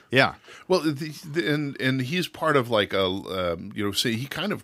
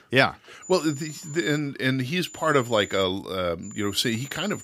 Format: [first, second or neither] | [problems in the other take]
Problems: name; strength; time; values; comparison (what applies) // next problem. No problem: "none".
first | high-pitched whine; noticeable; at 0.5 s, at 2.5 s and from 3.5 s on; 7 kHz, 15 dB below the speech